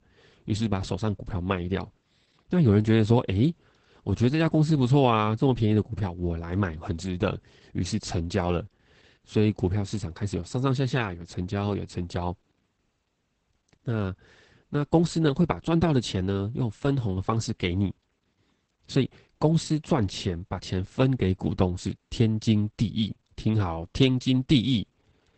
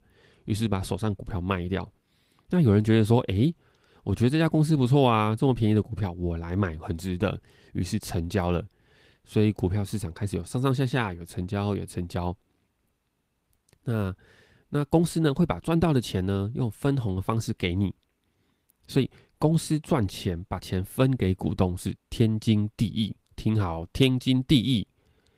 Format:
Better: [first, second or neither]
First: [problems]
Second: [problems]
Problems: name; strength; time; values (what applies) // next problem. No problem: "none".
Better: second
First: garbled, watery; badly; nothing above 8 kHz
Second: garbled, watery; slightly; nothing above 15.5 kHz